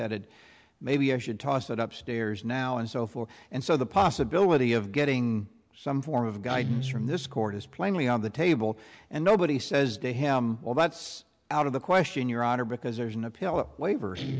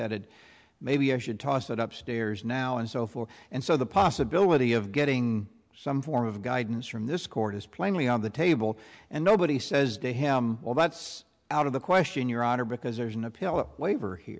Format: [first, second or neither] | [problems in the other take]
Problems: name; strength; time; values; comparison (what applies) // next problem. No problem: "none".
second | background sound (Guitar); 16 dB below the speech